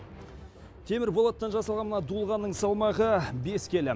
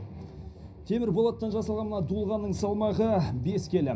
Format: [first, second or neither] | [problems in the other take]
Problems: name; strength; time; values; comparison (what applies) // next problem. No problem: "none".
first | room echo; dies away in 0.4 s